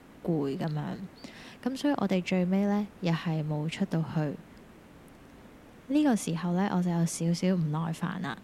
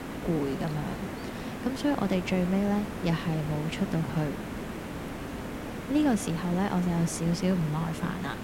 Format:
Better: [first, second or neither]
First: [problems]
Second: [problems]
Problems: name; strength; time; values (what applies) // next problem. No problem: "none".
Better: first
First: hiss; faint; throughout; 25 dB below the speech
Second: hiss; loud; throughout; 8 dB below the speech